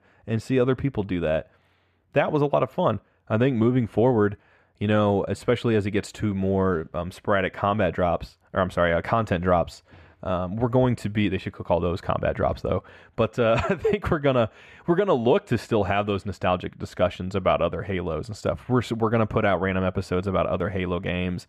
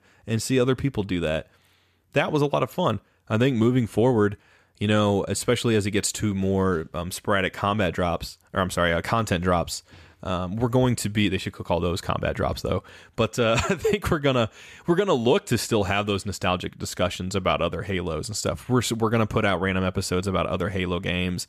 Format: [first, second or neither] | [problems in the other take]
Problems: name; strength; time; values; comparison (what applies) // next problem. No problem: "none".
second | muffled; slightly; fading above 3.5 kHz